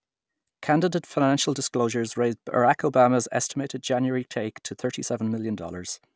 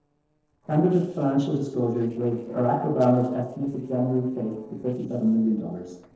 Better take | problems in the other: first | noise reduction (neural separator model SepFormer DNS4)

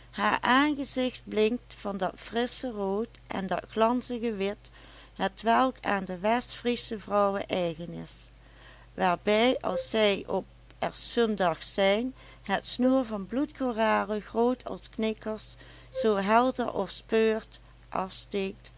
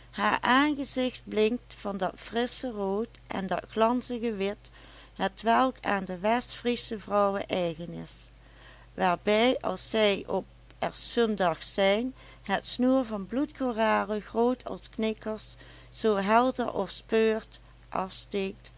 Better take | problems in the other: second | background sound (Wind instrument, woodwind instrument); 11 dB below the speech

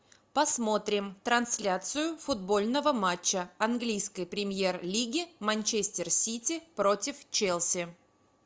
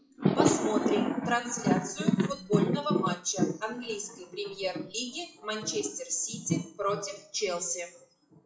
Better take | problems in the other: first | noise reduction (classical method WPE with log-MMSE)

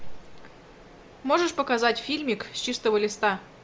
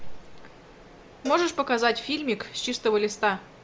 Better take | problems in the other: first | background sound (Cowbell); 18 dB below the speech

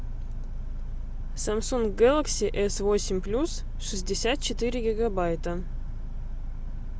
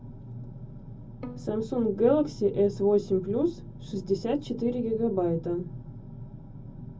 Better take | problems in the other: first | background sound (Bowed string instrument); 19 dB below the speech // room echo; dies away in 0.4 s

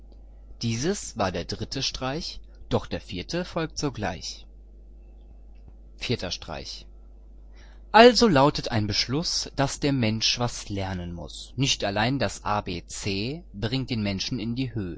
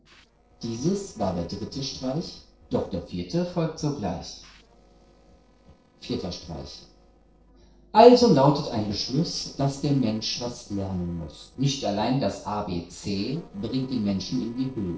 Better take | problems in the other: first | noise reduction (neural separator model SepFormer DNS4)

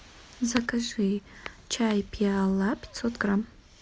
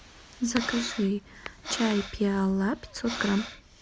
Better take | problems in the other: first | background sound (Breathing); 10 dB below the speech

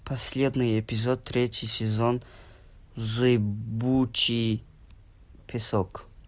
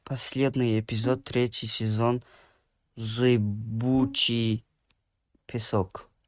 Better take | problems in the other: first | noise reduction (neural mask model RNNoise)

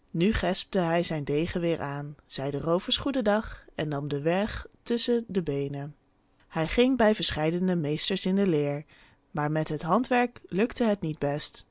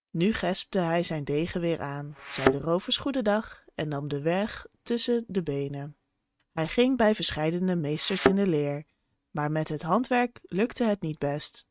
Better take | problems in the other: first | noise reduction (neural mask model RNNoise)

